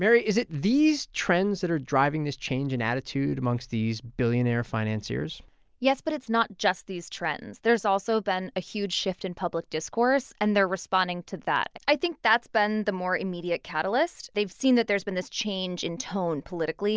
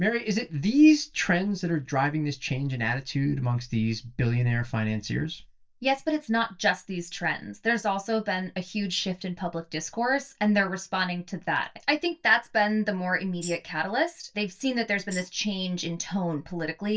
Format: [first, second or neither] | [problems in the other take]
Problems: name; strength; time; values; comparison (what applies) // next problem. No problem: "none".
first | noise reduction (neural mask model DeepFilterNet 3)